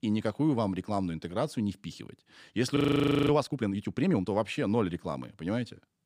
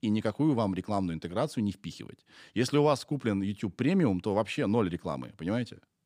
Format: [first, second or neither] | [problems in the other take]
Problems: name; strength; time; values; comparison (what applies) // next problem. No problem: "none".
second | audio freezing; at 3 s for 0.5 s